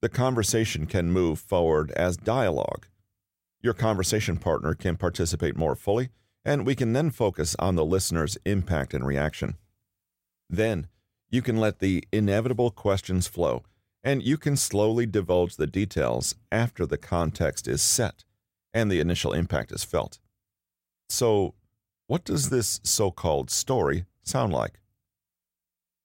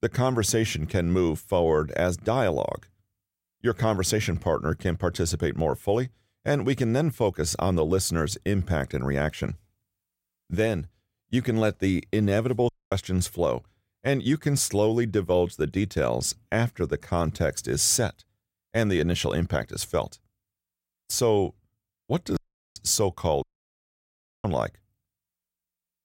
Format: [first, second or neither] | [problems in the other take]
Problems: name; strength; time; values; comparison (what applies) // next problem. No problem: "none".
first | audio cutting out; at 13 s, at 22 s and at 23 s for 1 s